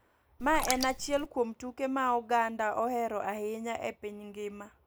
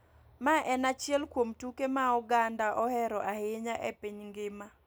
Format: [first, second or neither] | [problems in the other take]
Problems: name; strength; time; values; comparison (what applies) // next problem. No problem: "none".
second | noise reduction (neural mask model Resemble Enhance denoiser)